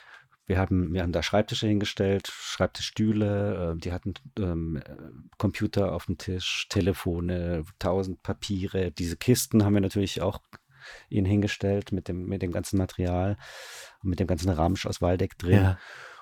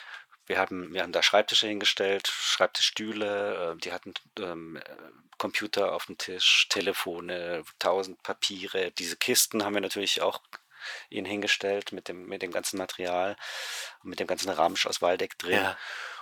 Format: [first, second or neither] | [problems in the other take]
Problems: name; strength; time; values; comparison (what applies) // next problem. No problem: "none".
first | thin; very; fading below 600 Hz